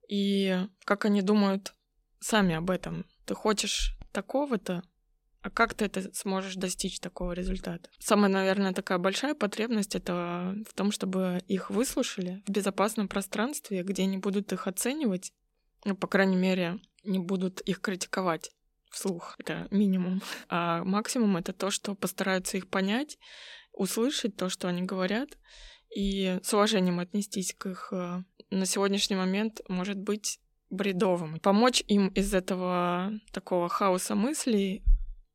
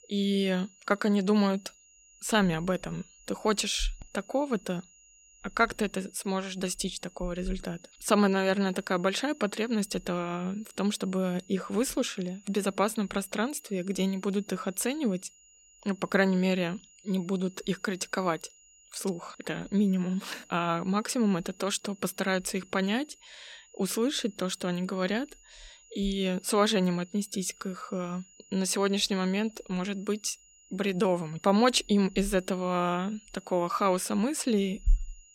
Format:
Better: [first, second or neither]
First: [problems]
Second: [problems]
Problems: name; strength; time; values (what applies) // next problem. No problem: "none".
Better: first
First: none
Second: high-pitched whine; faint; throughout; 7 kHz, 25 dB below the speech